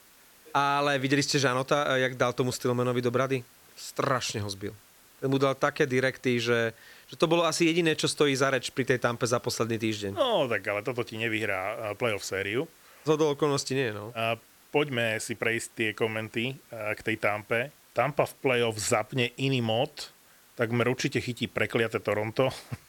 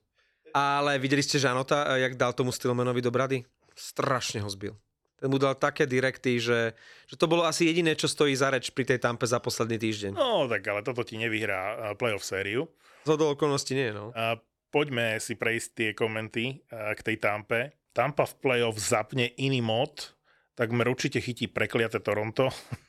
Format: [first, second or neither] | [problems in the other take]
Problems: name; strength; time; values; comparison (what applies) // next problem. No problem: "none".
second | hiss; faint; throughout; 25 dB below the speech